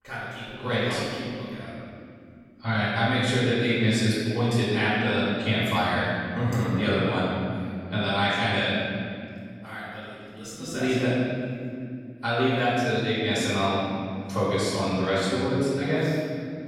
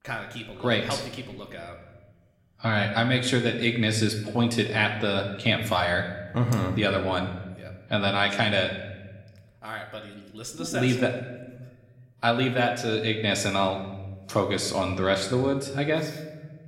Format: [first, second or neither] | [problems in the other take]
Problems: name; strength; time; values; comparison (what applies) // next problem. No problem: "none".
second | room echo; strong; dies away in 2.5 s; slight in the second // off-mic speech; far